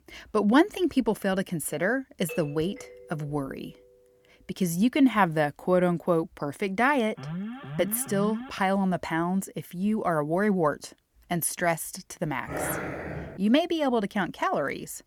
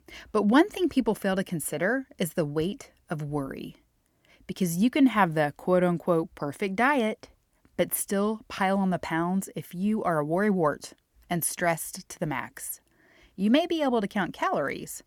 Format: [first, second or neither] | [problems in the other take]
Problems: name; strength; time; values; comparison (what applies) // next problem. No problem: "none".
second | doorbell; faint; from 2.5 to 3.5 s; peak 15 dB below the speech // alarm; noticeable; from 7 to 8.5 s; peak 9 dB below the speech // dog barking; noticeable; at 12 s; peak 5 dB below the speech